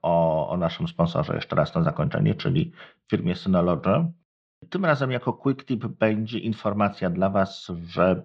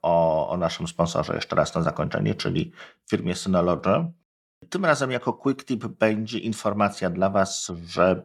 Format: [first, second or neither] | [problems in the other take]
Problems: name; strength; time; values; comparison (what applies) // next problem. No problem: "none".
second | muffled; slightly; fading above 3.5 kHz